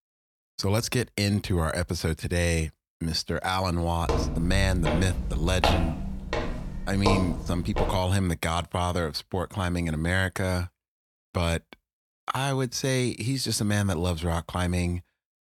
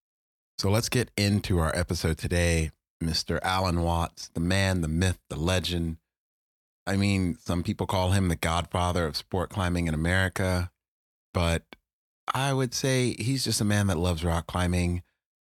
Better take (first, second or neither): second